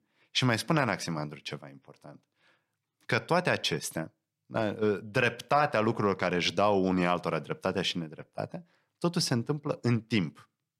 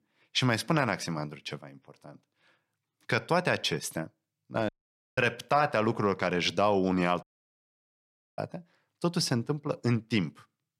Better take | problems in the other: first | audio cutting out; at 4.5 s and at 7 s for 1 s

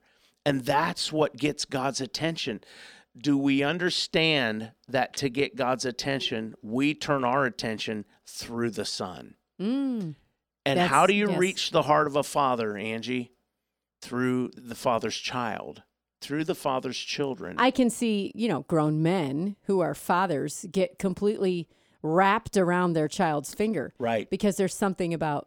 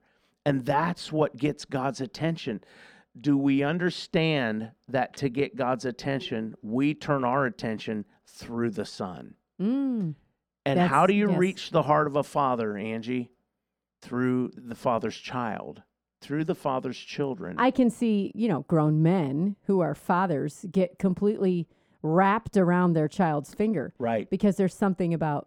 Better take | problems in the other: first | muffled; slightly; fading above 2.5 kHz

